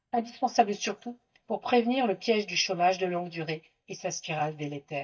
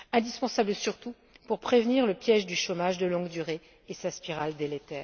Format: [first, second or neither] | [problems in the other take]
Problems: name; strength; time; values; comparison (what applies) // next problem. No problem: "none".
second | noise reduction (neural mask model DeepFilterNet 3)